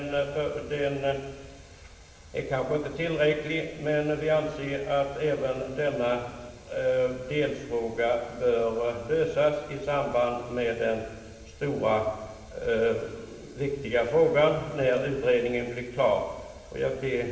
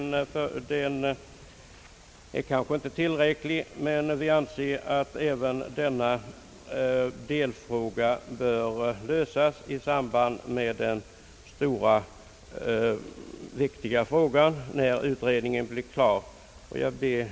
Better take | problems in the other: second | room echo; dies away in 1.2 s

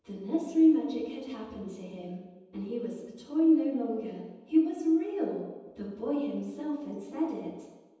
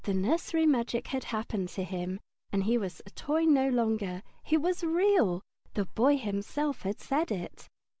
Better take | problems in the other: second | room echo; dies away in 1.1 s

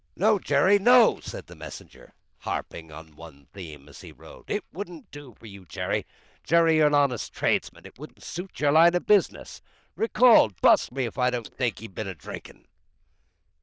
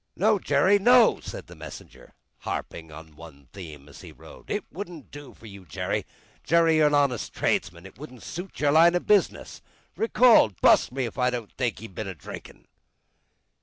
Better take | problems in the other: second | noise reduction (neural diffusion model UNIVERSE++)

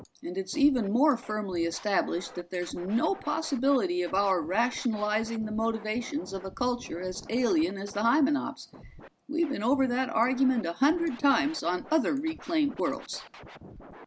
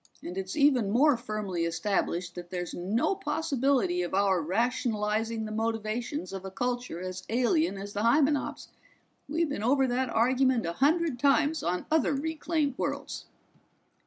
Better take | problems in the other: second | background sound (Scratching (performance technique)); 20 dB below the speech

